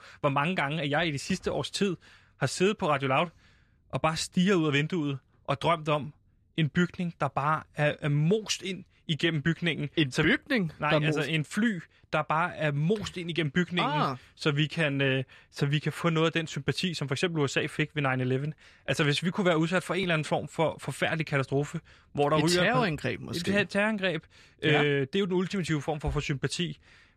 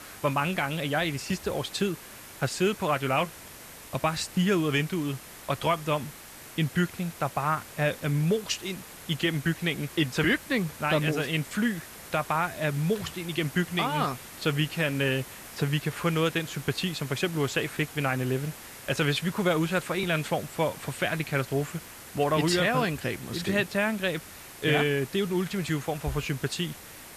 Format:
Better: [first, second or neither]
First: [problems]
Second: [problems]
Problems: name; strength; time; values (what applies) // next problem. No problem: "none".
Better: first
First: none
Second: hiss; noticeable; throughout; 15 dB below the speech